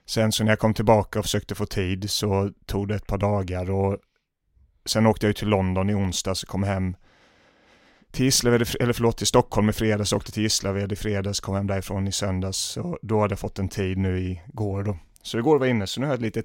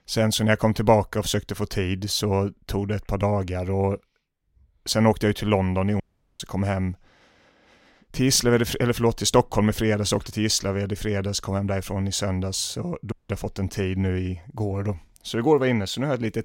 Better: first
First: none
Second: audio cutting out; at 6 s and at 13 s

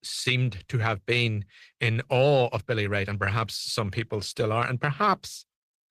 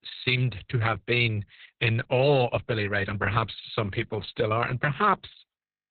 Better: first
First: garbled, watery; slightly; nothing above 14.5 kHz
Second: garbled, watery; badly; nothing above 4 kHz

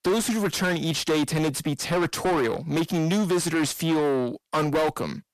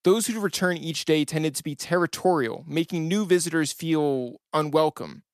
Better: second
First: distortion; heavy; 5 dB below the speech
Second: none

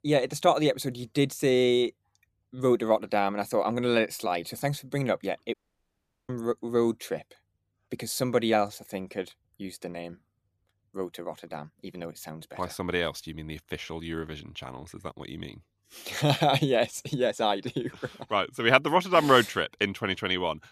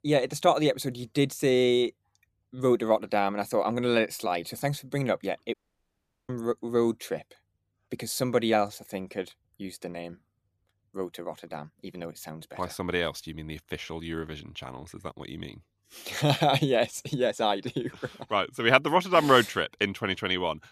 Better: neither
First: audio cutting out; at 5.5 s for 1 s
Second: audio cutting out; at 5.5 s for 1 s

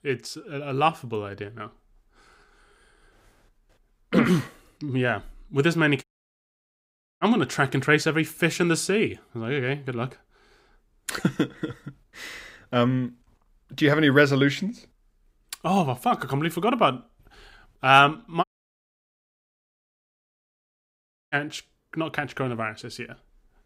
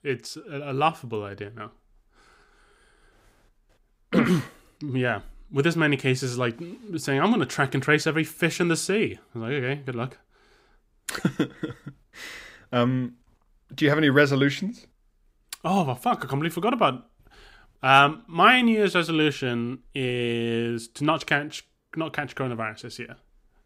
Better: second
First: audio cutting out; at 6 s for 1 s and at 18 s for 3 s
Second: none

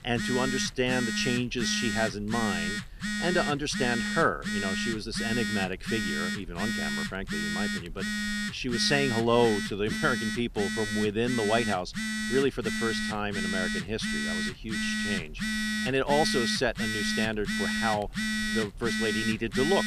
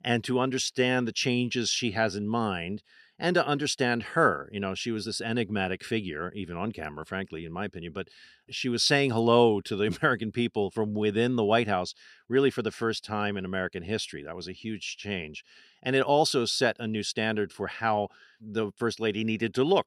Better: second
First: alarms or sirens; loud; throughout; 1 dB below the speech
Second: none

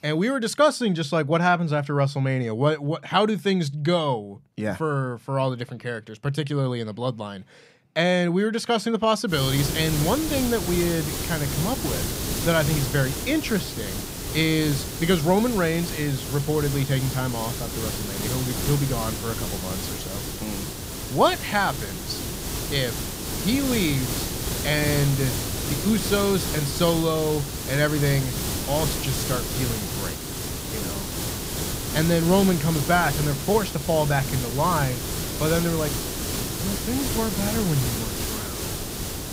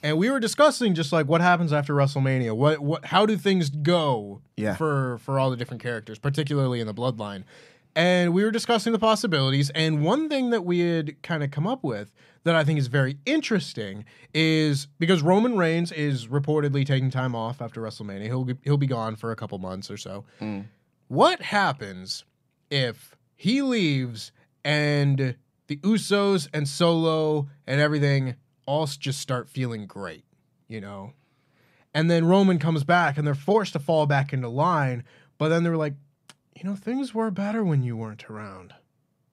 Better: second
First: hiss; loud; from 9.5 s on; 4 dB below the speech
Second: none

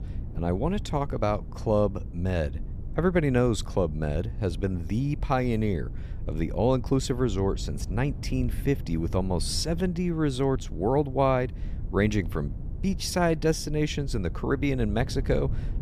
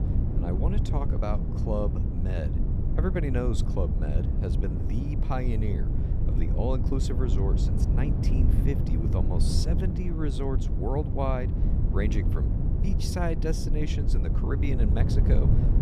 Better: first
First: low rumble; faint; throughout; 20 dB below the speech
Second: low rumble; loud; throughout; 4 dB below the speech

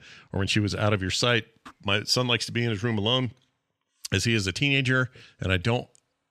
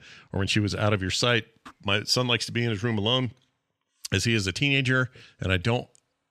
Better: neither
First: none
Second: none

